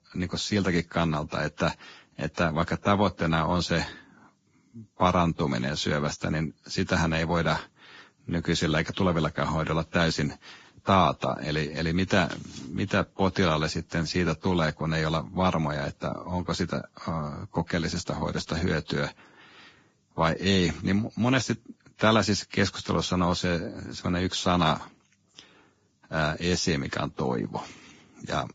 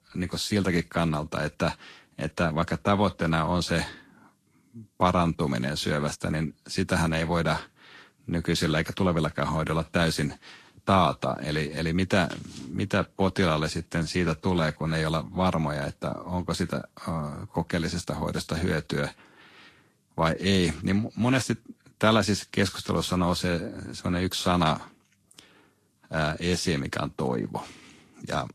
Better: second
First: garbled, watery; badly; nothing above 7.5 kHz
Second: garbled, watery; slightly; nothing above 13 kHz

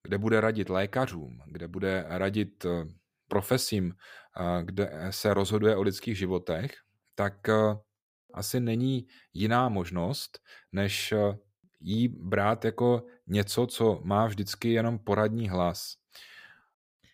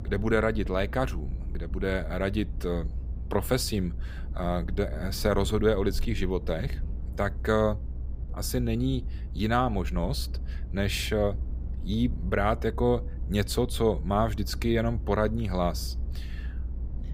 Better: first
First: none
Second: low rumble; faint; throughout; 20 dB below the speech

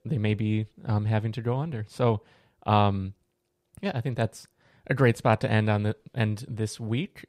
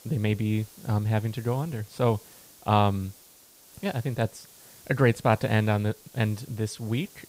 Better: first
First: none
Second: hiss; faint; throughout; 20 dB below the speech

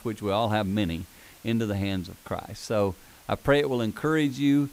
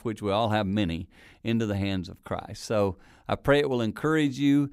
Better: second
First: hiss; faint; throughout; 25 dB below the speech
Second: none

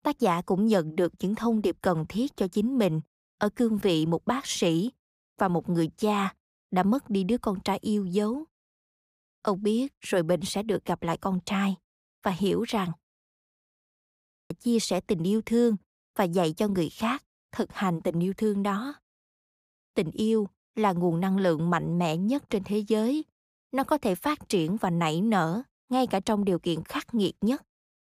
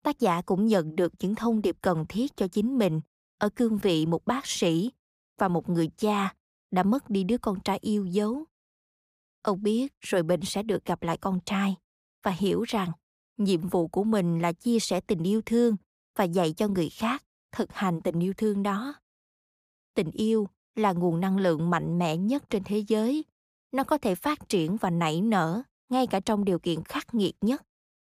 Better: second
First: audio cutting out; at 13 s for 1 s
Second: none

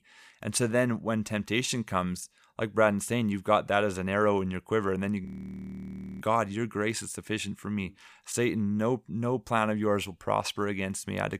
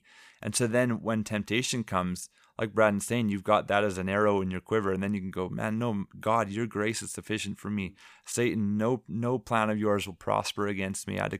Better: second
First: audio freezing; at 5.5 s for 1 s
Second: none

